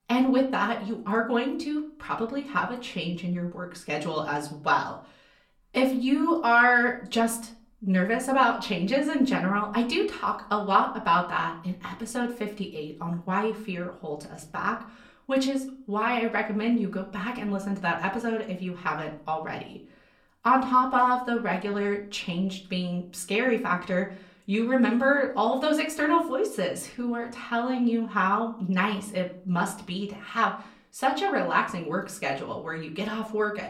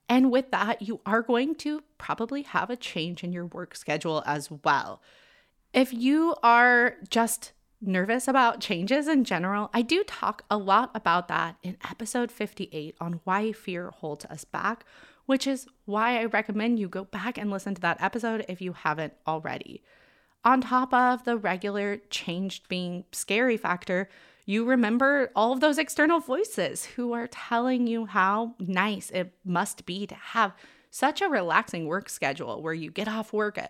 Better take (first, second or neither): second